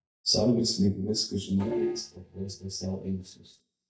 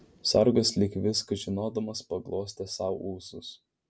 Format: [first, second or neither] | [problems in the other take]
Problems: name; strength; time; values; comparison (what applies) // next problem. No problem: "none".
second | noise reduction (neural mask model DeepFilterNet 3)